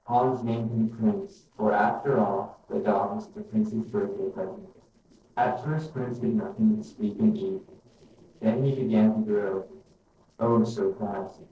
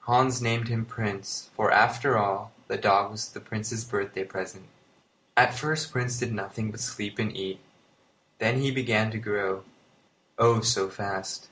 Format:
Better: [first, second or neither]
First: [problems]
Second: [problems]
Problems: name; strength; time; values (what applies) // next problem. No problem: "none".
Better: second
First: noise reduction (neural separator model SepFormer DNS4)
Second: none